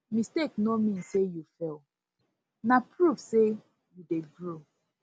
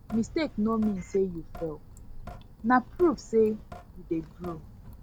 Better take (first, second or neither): first